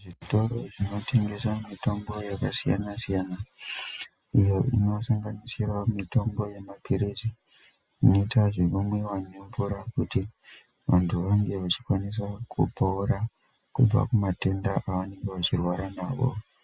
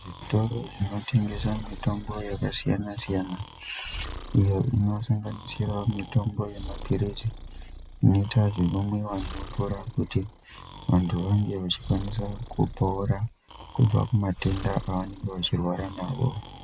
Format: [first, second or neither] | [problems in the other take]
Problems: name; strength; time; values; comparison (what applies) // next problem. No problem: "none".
first | background sound (Breathing); 14 dB below the speech